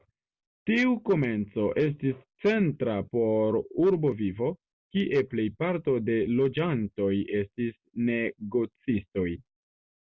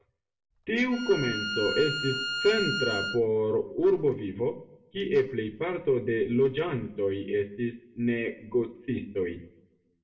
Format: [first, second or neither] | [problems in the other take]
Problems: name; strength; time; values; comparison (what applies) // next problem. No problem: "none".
first | background sound (Bowed string instrument); 5 dB below the speech // room echo; dies away in 0.5 s